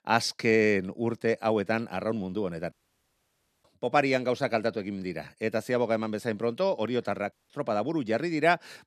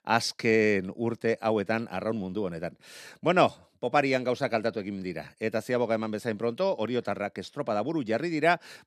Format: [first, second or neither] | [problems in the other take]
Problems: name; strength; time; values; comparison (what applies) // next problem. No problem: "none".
second | audio cutting out; at 2.5 s for 1 s and at 7.5 s